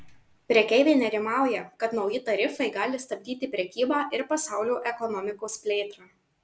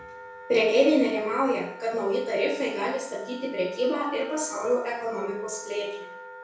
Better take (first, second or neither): first